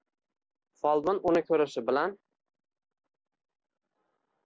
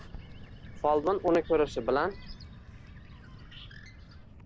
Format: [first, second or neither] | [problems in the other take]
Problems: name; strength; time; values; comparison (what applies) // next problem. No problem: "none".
first | background sound (Bird); 14 dB below the speech